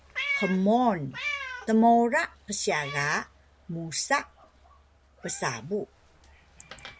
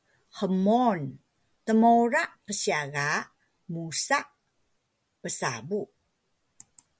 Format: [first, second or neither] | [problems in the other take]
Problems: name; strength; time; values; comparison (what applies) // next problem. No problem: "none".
second | background sound (Meow); 11 dB below the speech